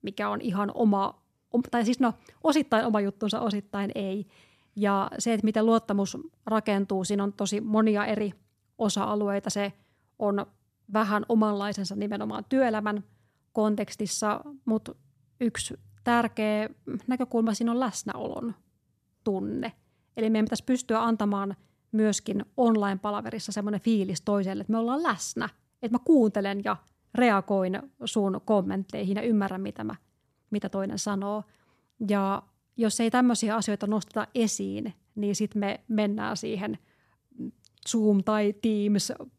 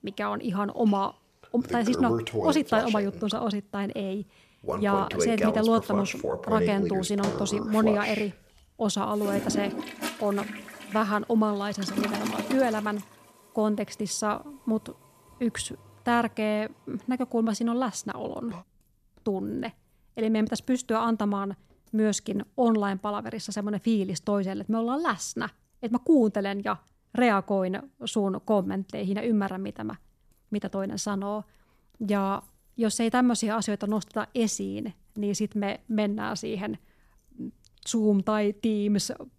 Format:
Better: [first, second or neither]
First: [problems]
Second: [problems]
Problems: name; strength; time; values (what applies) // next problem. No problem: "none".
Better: first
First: none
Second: household noises; loud; throughout; 5 dB below the speech